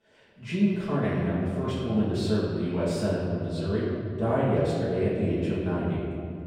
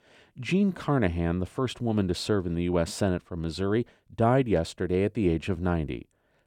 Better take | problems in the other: second | room echo; strong; dies away in 2.6 s // off-mic speech; far

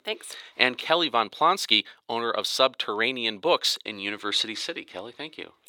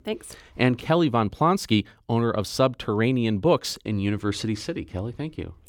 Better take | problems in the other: second | thin; very; fading below 500 Hz

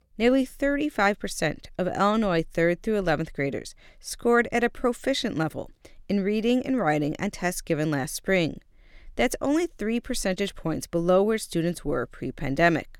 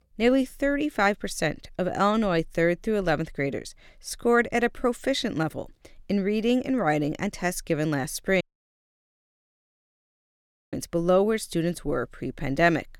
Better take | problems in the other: first | audio cutting out; at 8.5 s for 2.5 s

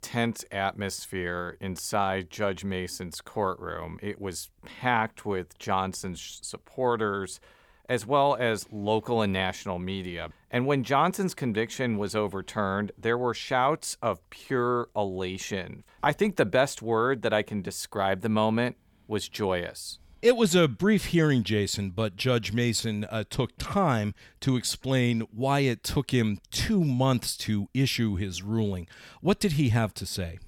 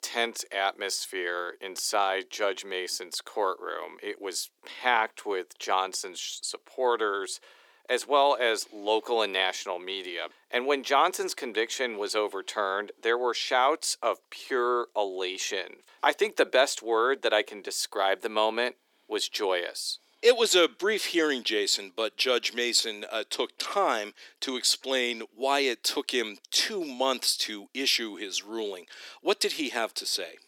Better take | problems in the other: first | thin; very; fading below 300 Hz

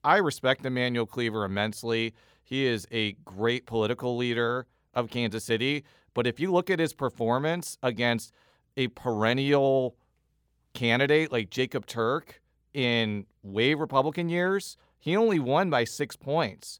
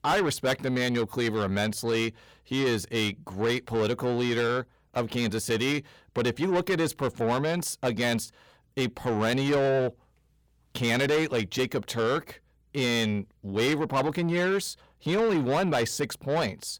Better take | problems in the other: first | distortion; heavy; 8 dB below the speech

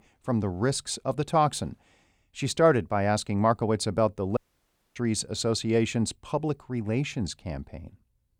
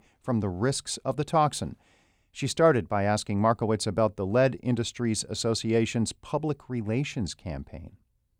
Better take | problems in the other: second | audio cutting out; at 4.5 s for 0.5 s

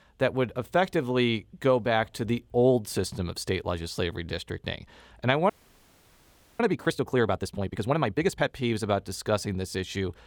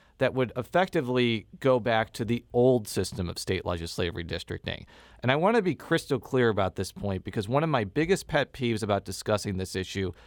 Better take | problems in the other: second | audio freezing; at 5.5 s for 1 s

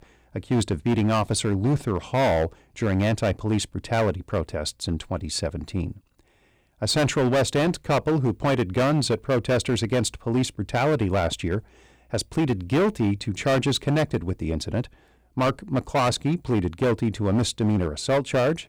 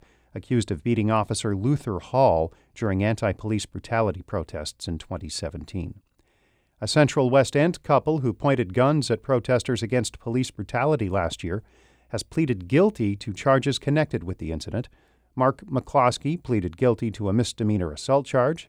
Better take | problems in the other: second | distortion; heavy; 12% of the sound clipped

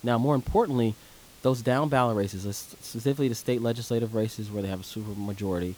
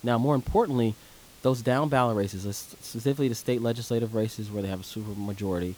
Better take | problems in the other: neither | hiss; faint; throughout; 25 dB below the speech; the same in both

